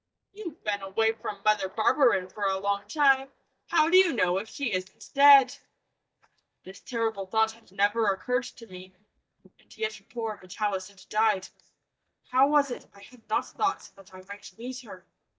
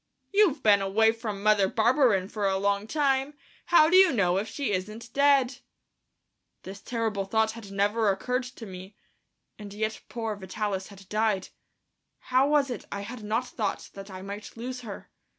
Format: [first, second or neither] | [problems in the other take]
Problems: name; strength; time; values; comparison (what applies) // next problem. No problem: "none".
second | noise reduction (neural mask model DeepFilterNet 3)